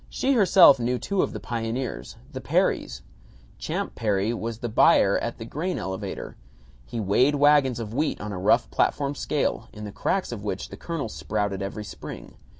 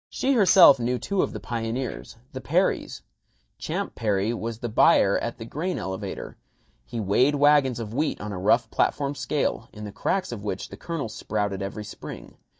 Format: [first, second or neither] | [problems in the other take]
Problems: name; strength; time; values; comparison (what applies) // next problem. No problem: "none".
first | noise reduction (neural mask model DeepFilterNet 3)